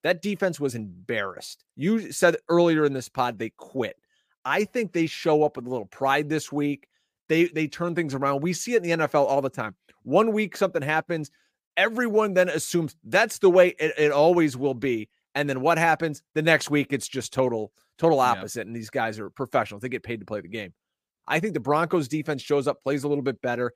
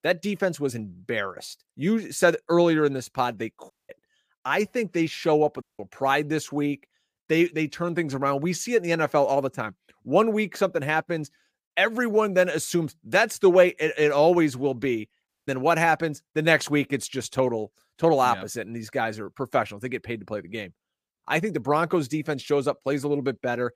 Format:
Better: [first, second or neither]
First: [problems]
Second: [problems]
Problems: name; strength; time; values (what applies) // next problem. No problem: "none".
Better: first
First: none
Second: audio cutting out; at 3.5 s, at 5.5 s and at 15 s